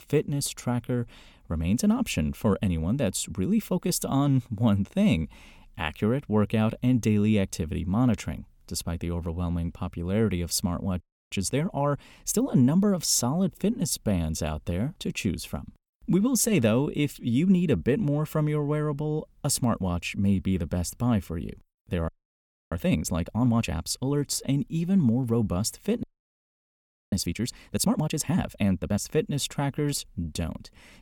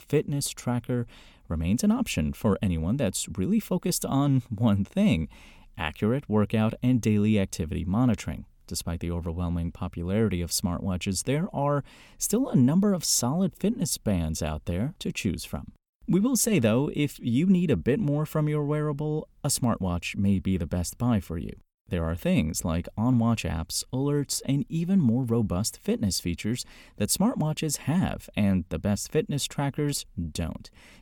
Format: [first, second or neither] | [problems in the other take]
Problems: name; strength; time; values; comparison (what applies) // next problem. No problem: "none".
second | audio freezing; at 11 s, at 22 s for 0.5 s and at 26 s for 1 s